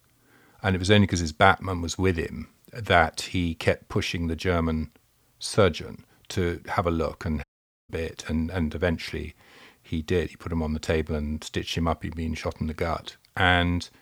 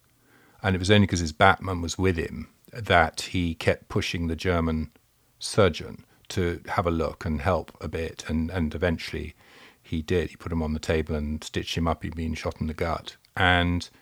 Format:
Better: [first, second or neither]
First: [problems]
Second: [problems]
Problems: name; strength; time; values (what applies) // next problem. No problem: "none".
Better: second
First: audio cutting out; at 7.5 s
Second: none